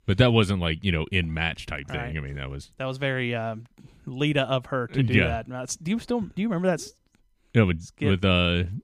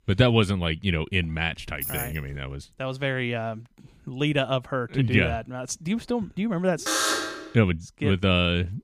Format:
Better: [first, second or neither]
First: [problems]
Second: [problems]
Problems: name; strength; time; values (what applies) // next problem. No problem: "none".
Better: first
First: none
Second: jangling keys; noticeable; at 1.5 s; peak 5 dB below the speech // alarm; loud; at 7 s; peak 3 dB above the speech